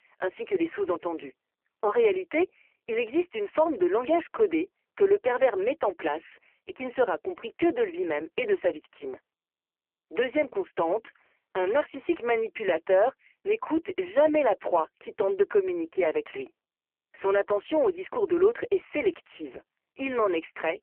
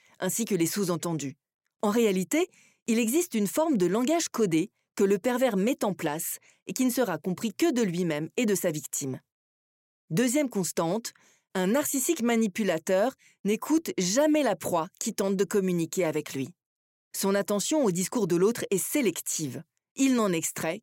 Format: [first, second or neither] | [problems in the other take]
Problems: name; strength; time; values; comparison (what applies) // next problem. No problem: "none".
second | phone-call audio; poor line